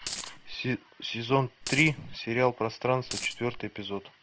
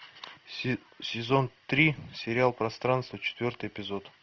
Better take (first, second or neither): second